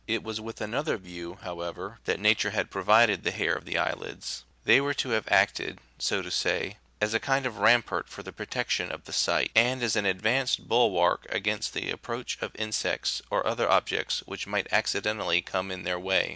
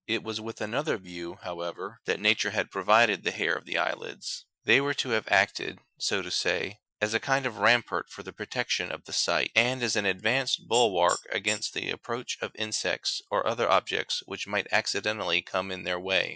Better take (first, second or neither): first